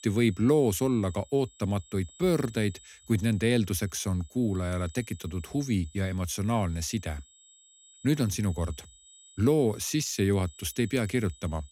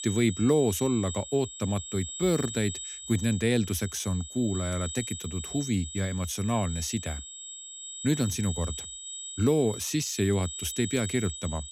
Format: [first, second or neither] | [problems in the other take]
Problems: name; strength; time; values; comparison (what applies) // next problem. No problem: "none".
first | high-pitched whine; loud; throughout; 8 kHz, 8 dB below the speech; faint in the first